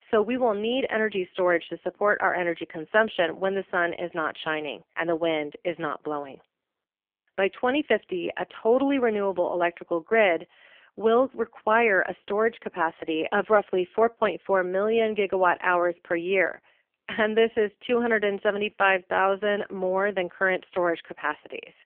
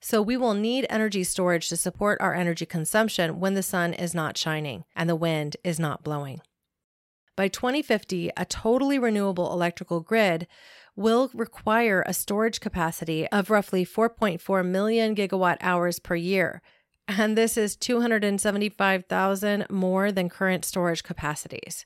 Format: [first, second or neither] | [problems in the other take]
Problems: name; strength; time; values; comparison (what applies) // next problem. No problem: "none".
second | phone-call audio; poor line; nothing above 3 kHz